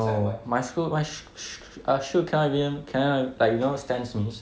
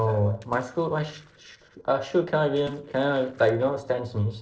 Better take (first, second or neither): first